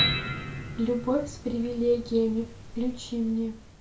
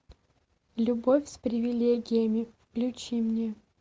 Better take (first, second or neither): second